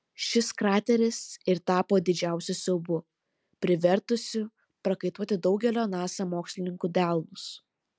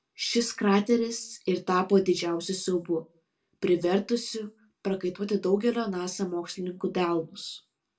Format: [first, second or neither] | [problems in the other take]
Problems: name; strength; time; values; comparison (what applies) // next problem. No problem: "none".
first | room echo; dies away in 0.2 s